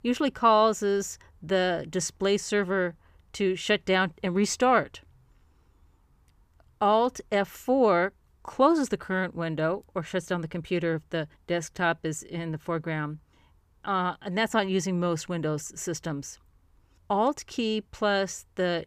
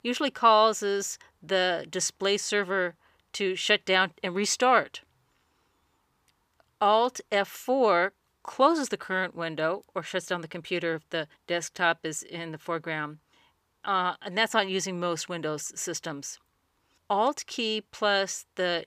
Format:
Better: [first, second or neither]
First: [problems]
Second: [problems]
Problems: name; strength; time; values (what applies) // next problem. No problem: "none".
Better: first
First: none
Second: thin; very slightly; fading below 500 Hz